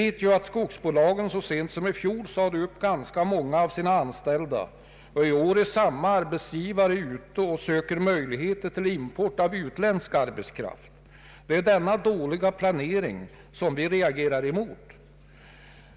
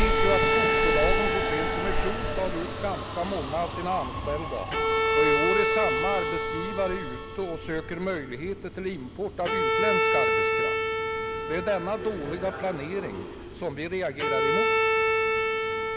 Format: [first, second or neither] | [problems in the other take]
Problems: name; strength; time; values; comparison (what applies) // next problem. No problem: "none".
first | background sound (Subway, metro, underground + Bowed string instrument); 5 dB above the speech